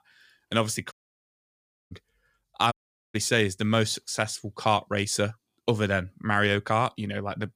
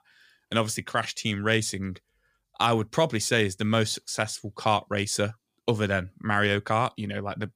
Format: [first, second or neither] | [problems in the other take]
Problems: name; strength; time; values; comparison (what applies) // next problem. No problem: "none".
second | audio cutting out; at 1 s for 1 s and at 2.5 s